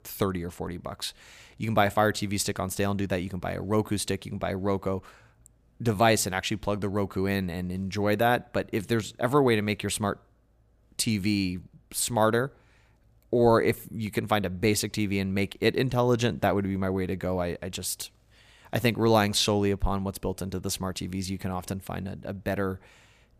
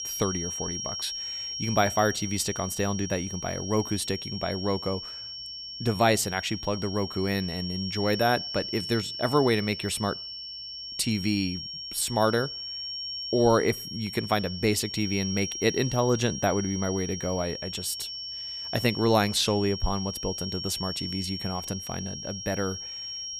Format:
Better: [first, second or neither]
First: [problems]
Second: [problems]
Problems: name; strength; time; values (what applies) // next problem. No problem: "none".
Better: first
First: none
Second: high-pitched whine; loud; throughout; 5.5 kHz, 6 dB below the speech